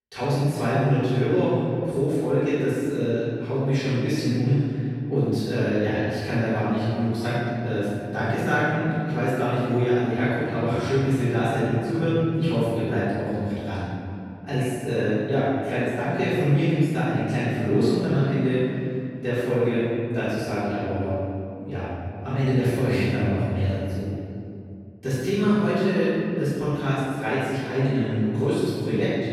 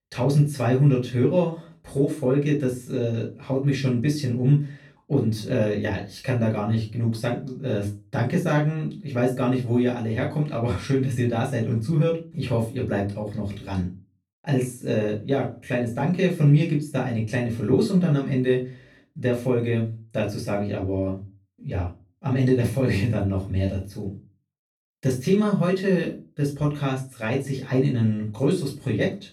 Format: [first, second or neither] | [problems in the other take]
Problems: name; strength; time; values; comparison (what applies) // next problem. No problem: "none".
second | room echo; strong; dies away in 2.4 s; slight in the second // off-mic speech; far; far in the second